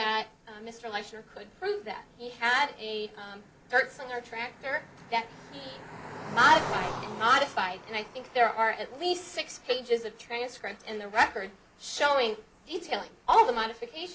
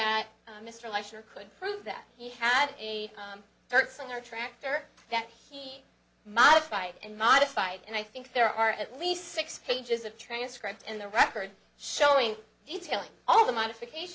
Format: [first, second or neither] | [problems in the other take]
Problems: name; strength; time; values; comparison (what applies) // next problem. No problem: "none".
second | background sound (Cricket); 15 dB below the speech // room echo; dies away in 0.3 s